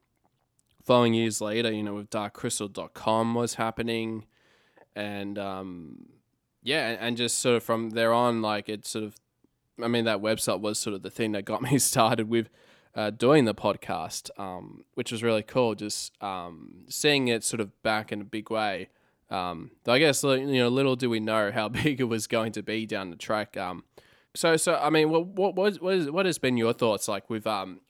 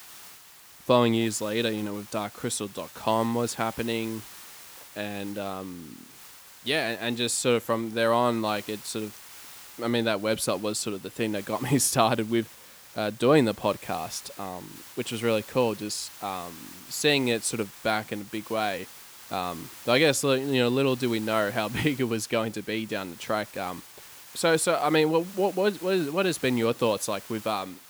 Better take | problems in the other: first | hiss; noticeable; throughout; 15 dB below the speech

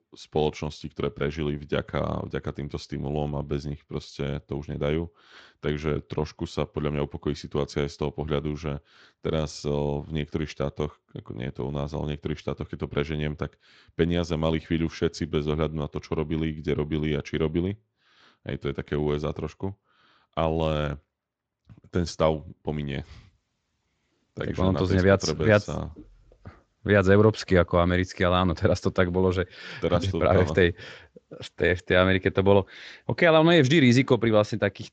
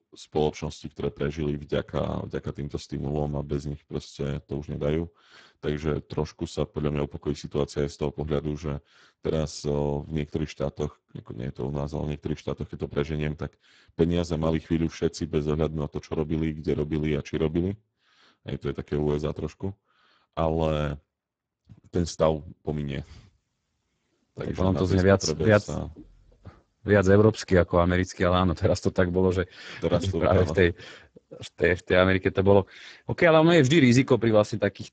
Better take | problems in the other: first | garbled, watery; badly; nothing above 7.5 kHz; slightly in the first

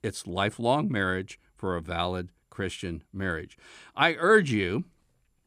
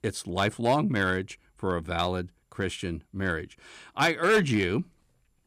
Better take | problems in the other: first | distortion; slight; 2% of the sound clipped

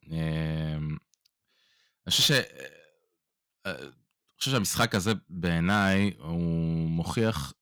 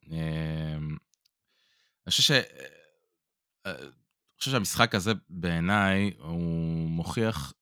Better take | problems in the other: second | distortion; slight; 1.6% of the sound clipped

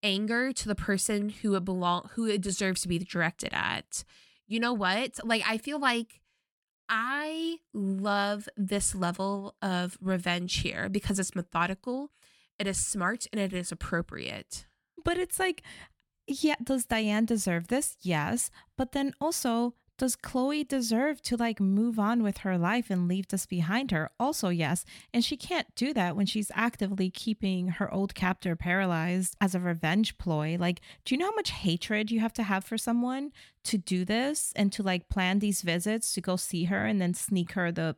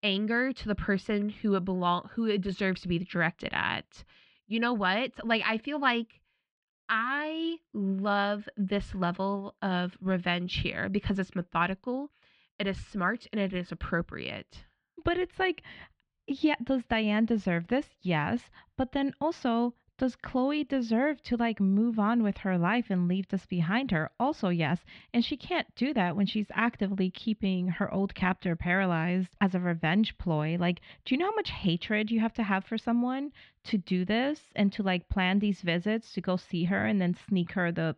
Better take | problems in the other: first | muffled; slightly; fading above 3.5 kHz

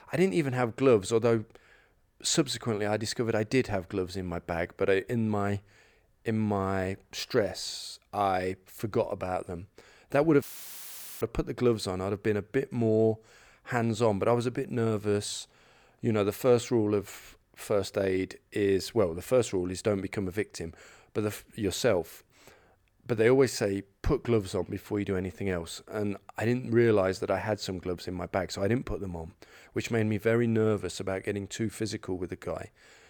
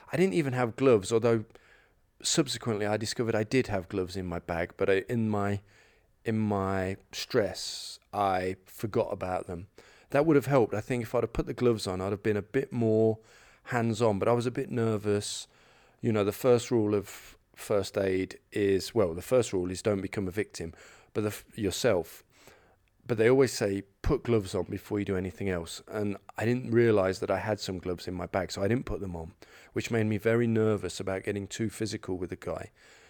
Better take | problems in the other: second | audio cutting out; filled with static; at 10 s for 1 s

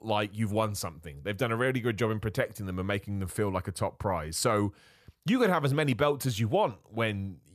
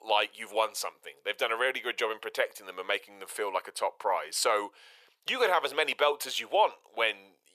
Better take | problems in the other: first | thin; very; fading below 450 Hz

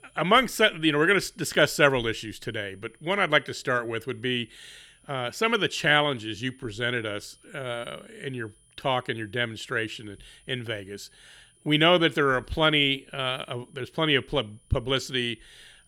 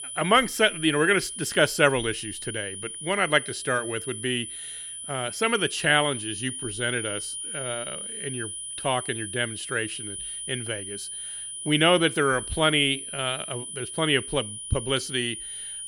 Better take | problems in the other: first | high-pitched whine; loud; throughout; 9.5 kHz, 8 dB below the speech; faint in the first

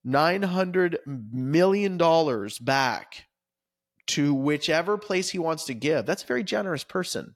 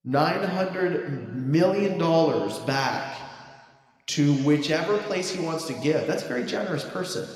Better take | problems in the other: first | room echo; slight; dies away in 1.9 s

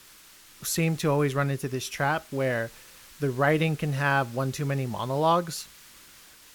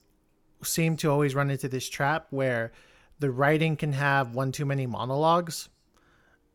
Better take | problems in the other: second | hiss; faint; throughout; 20 dB below the speech

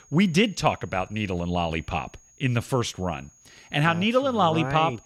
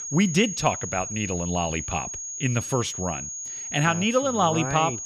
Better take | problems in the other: first | high-pitched whine; loud; throughout; 6.5 kHz, 6 dB below the speech; faint in the first

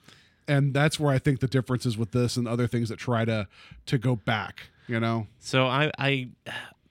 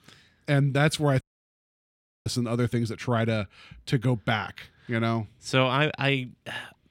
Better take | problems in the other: first | audio cutting out; at 1 s for 1 s

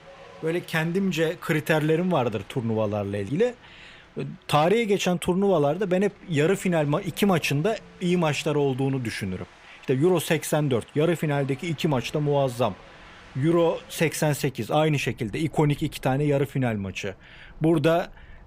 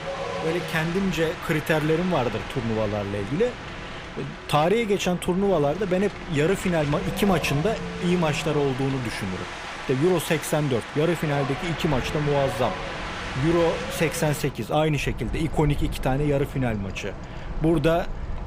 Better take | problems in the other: first | wind in the background; loud; throughout; 9 dB below the speech; faint in the first

